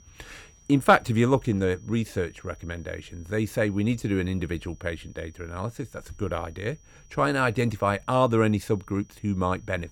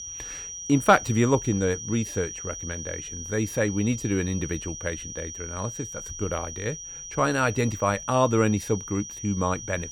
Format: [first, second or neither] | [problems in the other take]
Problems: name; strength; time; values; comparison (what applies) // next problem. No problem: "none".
first | high-pitched whine; loud; throughout; 6 kHz, 9 dB below the speech; faint in the first